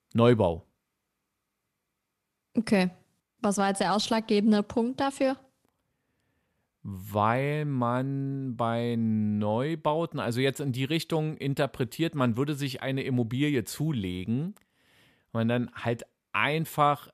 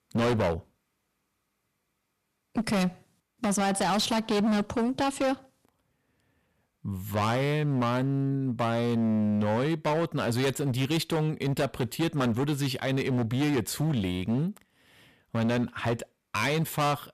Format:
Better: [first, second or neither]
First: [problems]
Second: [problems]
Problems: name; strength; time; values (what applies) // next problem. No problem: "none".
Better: first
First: none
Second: distortion; heavy; 17% of the sound clipped